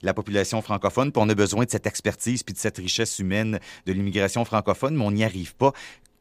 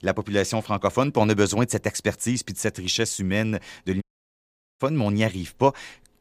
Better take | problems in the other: first | audio cutting out; at 4 s for 1 s

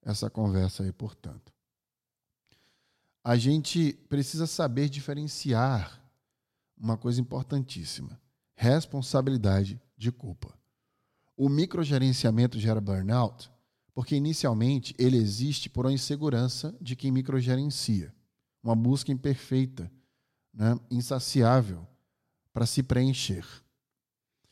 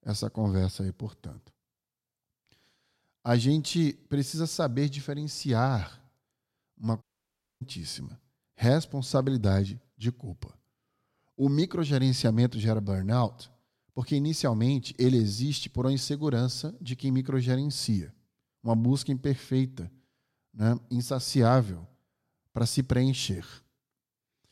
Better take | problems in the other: first | audio cutting out; at 7 s for 0.5 s

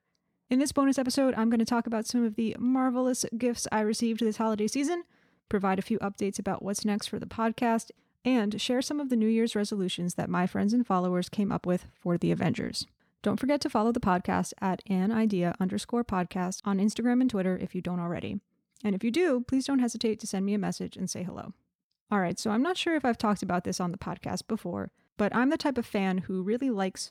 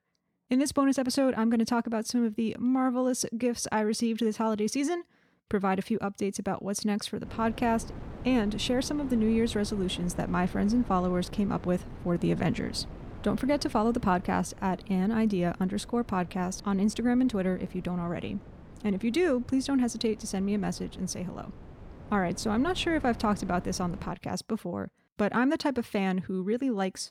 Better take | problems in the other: first | wind noise on the microphone; occasional gusts; from 7.5 to 24 s; 20 dB below the speech

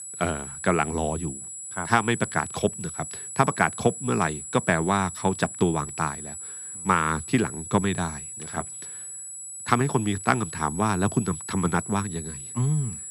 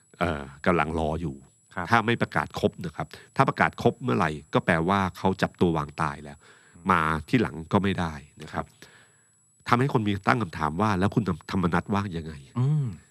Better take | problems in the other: second | high-pitched whine; loud; throughout; 8 kHz, 9 dB below the speech; faint in the second

